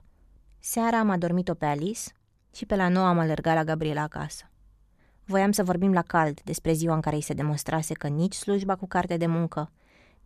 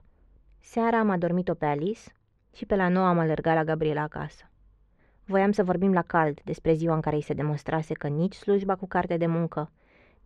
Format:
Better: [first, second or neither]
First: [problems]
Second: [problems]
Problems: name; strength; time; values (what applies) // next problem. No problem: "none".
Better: first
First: none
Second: muffled; slightly; fading above 2.5 kHz